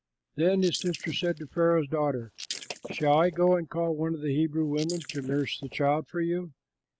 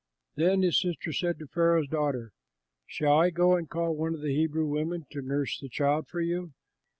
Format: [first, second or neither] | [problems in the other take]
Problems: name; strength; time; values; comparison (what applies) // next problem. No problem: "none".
second | noise reduction (neural mask model Resemble Enhance denoiser)